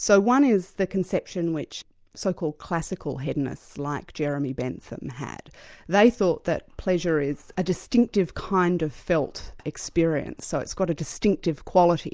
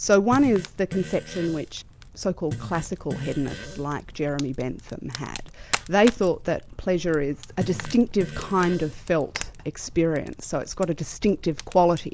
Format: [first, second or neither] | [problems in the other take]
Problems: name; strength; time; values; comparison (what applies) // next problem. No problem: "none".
first | background sound (Fire + Fart); 12 dB below the speech